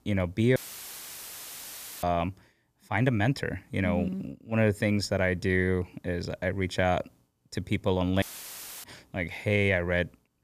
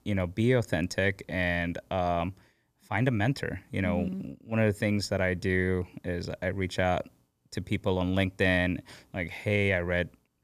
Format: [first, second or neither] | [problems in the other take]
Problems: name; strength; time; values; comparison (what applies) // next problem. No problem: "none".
second | audio cutting out; filled with static; at 0.5 s for 1.5 s and at 8 s for 0.5 s